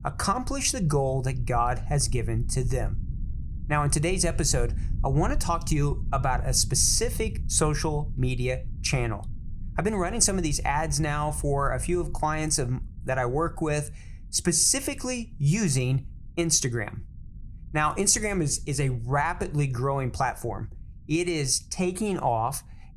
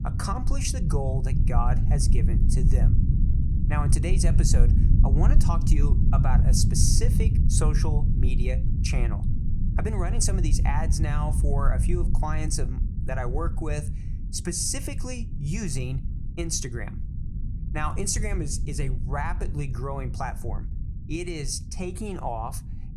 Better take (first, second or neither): first